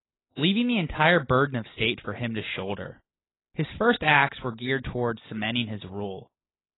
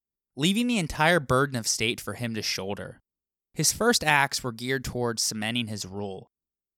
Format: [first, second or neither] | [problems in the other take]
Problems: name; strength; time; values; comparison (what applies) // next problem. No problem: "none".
second | garbled, watery; badly; nothing above 4 kHz